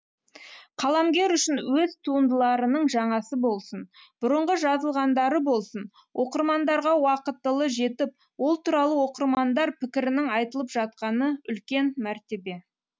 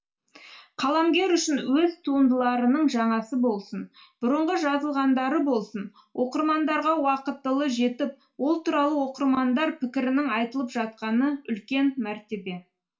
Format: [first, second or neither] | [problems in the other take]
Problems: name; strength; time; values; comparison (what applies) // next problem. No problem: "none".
first | room echo; dies away in 0.3 s